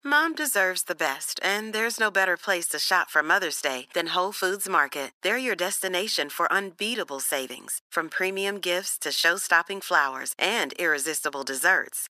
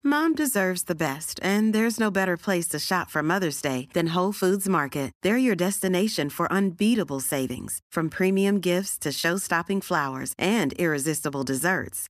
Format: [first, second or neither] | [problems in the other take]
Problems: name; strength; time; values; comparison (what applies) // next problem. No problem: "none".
second | thin; very; fading below 600 Hz